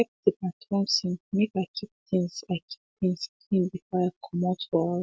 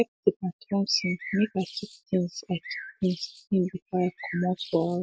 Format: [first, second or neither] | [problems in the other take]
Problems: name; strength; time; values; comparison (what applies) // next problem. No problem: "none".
first | noise reduction (neural mask model Resemble Enhance denoiser)